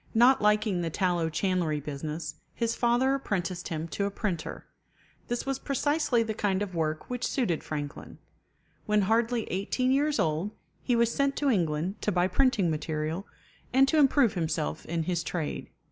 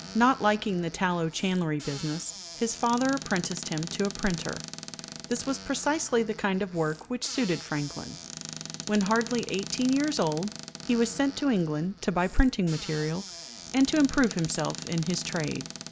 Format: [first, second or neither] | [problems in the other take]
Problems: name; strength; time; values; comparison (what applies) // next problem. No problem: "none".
first | background sound (Squeak / Cupboard open or close); 13 dB below the speech